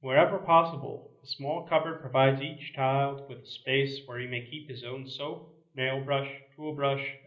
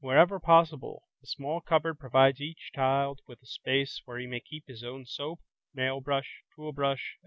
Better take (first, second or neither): second